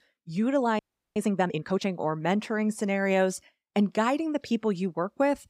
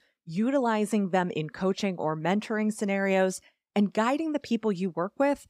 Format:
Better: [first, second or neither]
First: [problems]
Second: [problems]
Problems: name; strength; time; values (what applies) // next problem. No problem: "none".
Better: second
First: audio freezing; at 1 s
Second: none